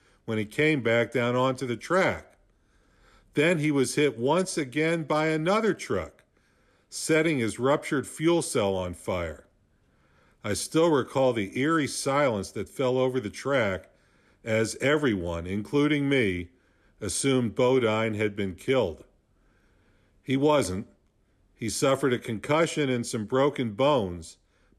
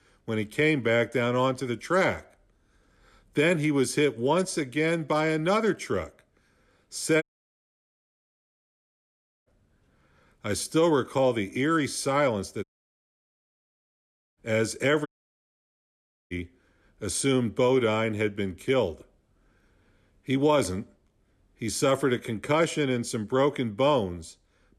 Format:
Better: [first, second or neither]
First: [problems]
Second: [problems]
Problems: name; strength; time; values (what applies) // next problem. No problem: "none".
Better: first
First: none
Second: audio cutting out; at 7 s for 2 s, at 13 s for 1.5 s and at 15 s for 1 s